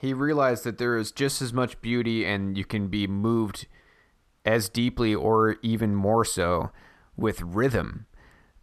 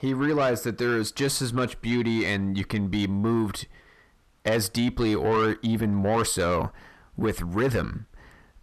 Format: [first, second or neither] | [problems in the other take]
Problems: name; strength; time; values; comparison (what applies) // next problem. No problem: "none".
first | distortion; slight; 10 dB below the speech